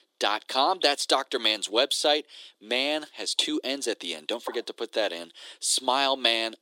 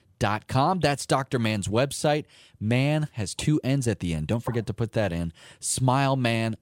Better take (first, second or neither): second